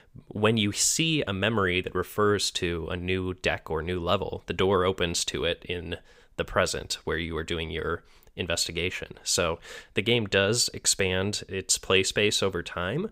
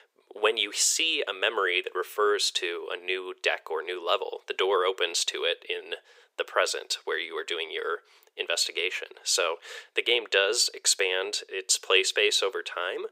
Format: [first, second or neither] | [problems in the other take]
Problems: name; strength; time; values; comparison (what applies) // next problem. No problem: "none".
first | thin; very; fading below 400 Hz